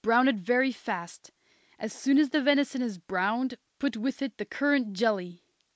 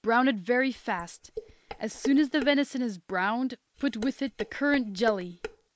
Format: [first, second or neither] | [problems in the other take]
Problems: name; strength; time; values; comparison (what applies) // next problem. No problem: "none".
first | noise reduction (neural mask model Resemble Enhance denoiser)